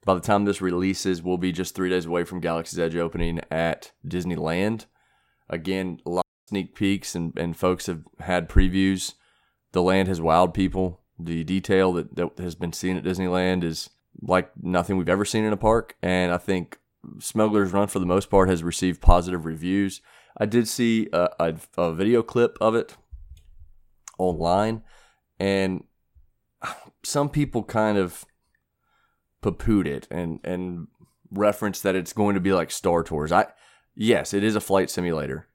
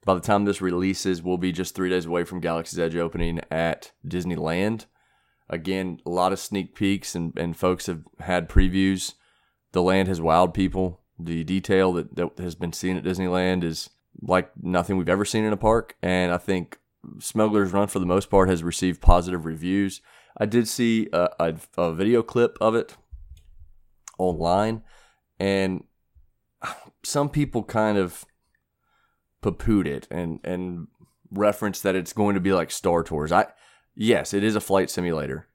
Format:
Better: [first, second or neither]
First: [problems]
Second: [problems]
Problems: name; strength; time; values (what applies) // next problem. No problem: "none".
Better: second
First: audio cutting out; at 6 s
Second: none